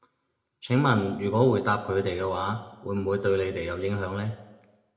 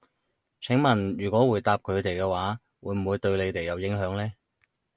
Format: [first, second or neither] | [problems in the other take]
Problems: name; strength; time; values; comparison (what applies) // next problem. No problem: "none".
second | room echo; dies away in 0.6 s